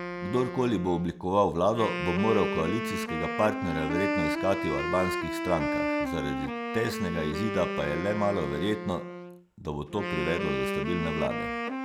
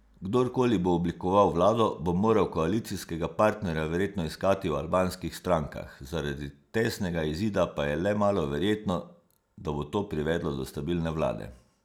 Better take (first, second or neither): second